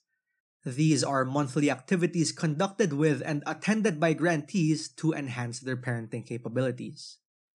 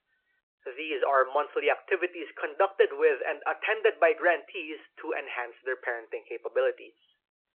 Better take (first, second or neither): first